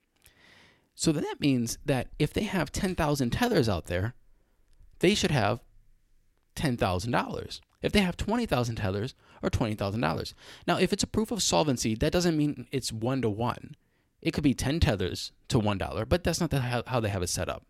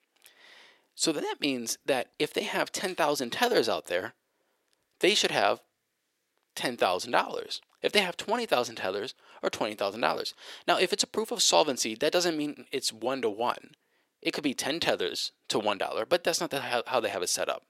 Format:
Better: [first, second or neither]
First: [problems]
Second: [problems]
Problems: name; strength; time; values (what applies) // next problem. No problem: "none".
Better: first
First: none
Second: thin; somewhat; fading below 500 Hz